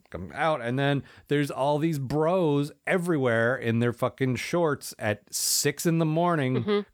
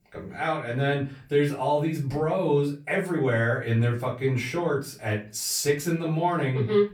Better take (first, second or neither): first